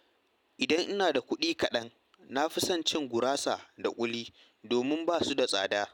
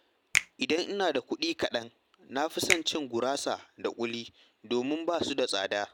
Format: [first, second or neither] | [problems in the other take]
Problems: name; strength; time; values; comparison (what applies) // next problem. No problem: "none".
first | background sound (Finger snapping); 6 dB below the speech